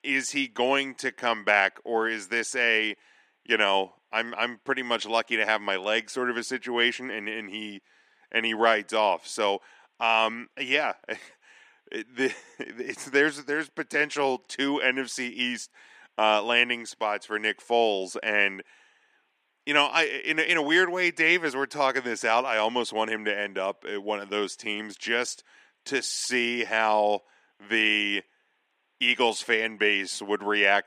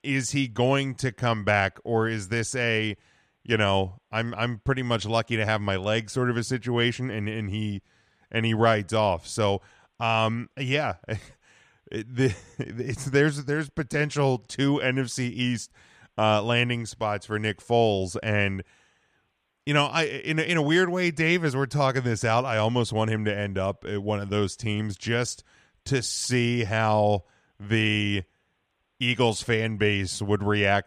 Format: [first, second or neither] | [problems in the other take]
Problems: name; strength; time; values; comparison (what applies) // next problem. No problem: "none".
second | thin; somewhat; fading below 250 Hz